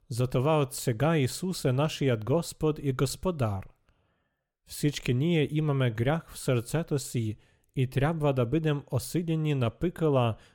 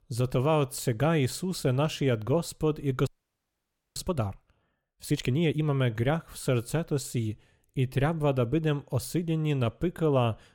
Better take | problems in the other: first | audio freezing; at 3 s for 1 s

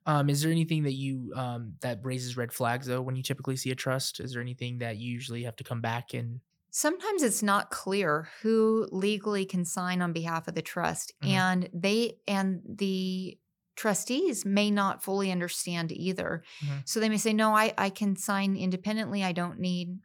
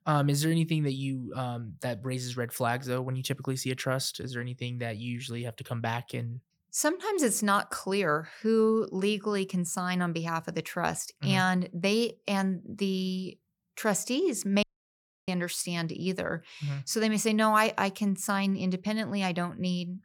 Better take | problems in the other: first | audio cutting out; at 15 s for 0.5 s

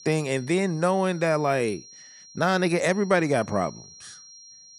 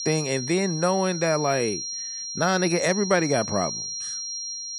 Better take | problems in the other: first | high-pitched whine; loud; throughout; 5.5 kHz, 6 dB below the speech; faint in the first

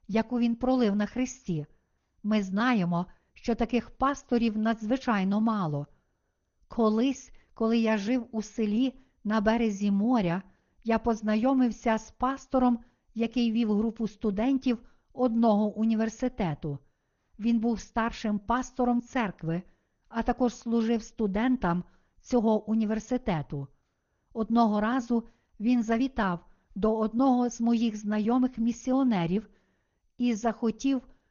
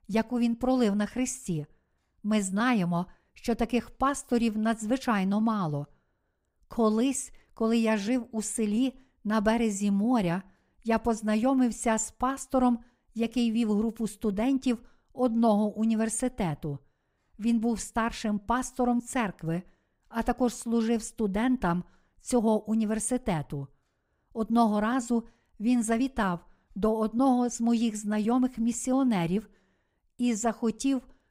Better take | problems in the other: second | garbled, watery; slightly; nothing above 6.5 kHz

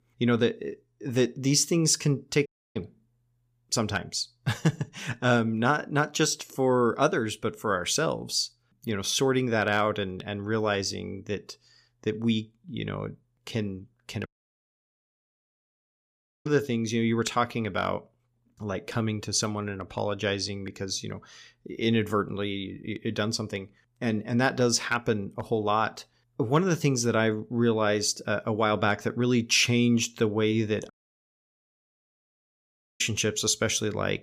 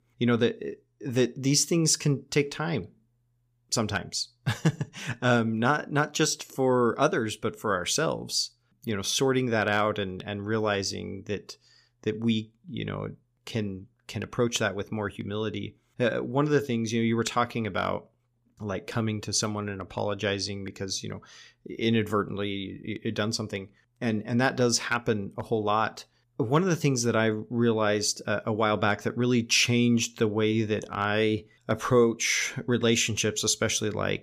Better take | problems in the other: second | audio cutting out; at 2.5 s, at 14 s for 2 s and at 31 s for 2 s

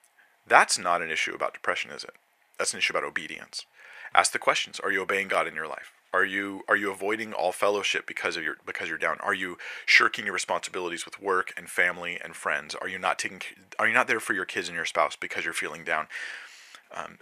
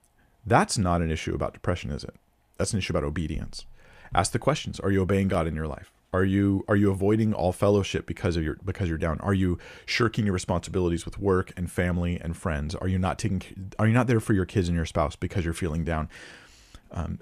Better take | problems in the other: second | thin; very; fading below 650 Hz

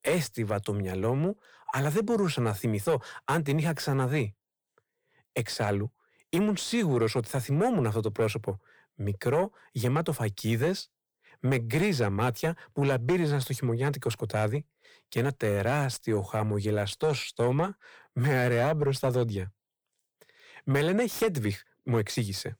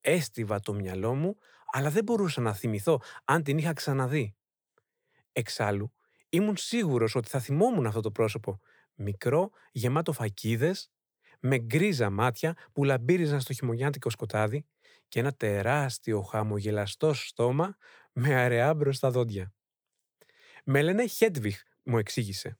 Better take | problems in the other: second | distortion; slight; 10 dB below the speech

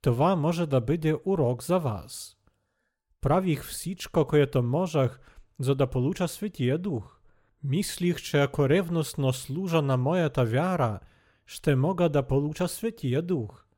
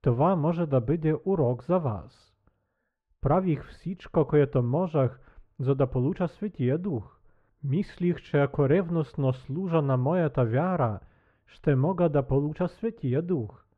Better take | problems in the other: first | muffled; very; fading above 1.5 kHz

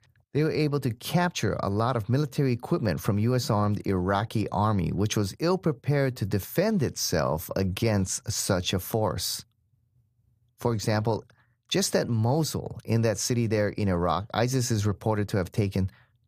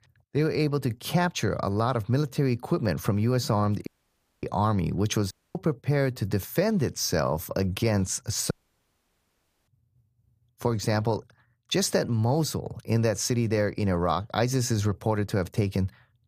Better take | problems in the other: first | audio cutting out; at 4 s for 0.5 s, at 5.5 s and at 8.5 s for 1 s

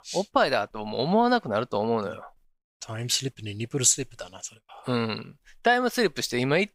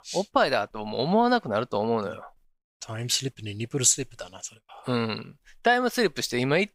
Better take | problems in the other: neither | none

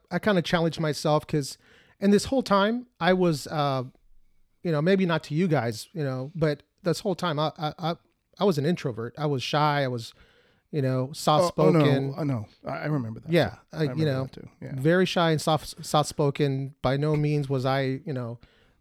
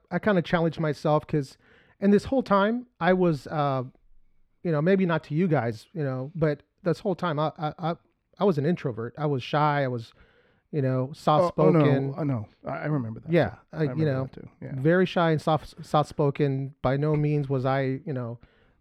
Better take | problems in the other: first | muffled; slightly; fading above 3.5 kHz

